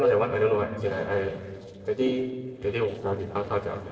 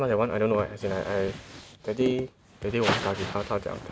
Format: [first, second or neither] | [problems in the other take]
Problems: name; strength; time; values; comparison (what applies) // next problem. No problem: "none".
second | noise reduction (neural separator model SepFormer DNS4)